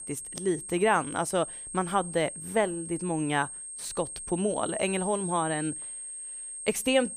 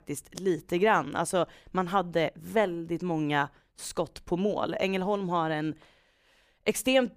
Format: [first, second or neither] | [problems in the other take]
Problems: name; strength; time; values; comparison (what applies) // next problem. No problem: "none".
second | high-pitched whine; loud; throughout; 8.5 kHz, 7 dB below the speech